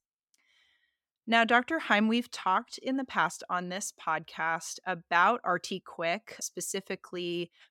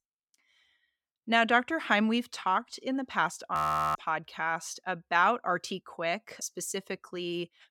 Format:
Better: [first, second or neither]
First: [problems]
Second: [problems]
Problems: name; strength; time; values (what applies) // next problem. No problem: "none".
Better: first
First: none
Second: audio freezing; at 3.5 s